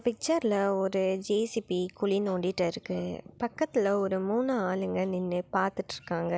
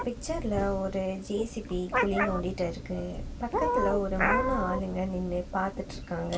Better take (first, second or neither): first